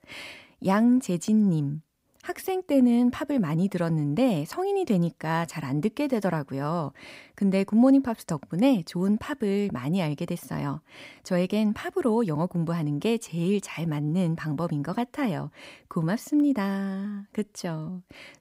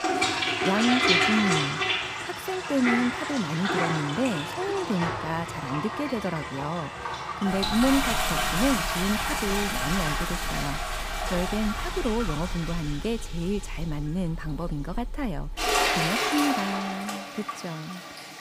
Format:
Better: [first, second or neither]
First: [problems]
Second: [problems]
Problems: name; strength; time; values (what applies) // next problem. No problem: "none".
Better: first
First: none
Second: household noises; very loud; throughout; 2 dB above the speech